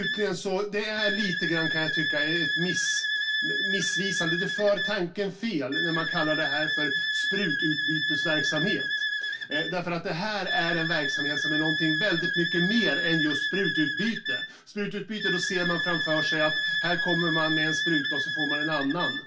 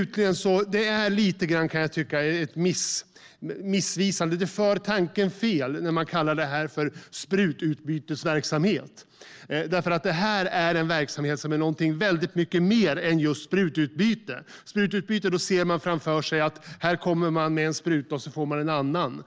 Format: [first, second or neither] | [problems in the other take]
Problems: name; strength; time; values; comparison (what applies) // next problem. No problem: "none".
second | background sound (Wind instrument, woodwind instrument); 1 dB above the speech // room echo; dies away in 0.2 s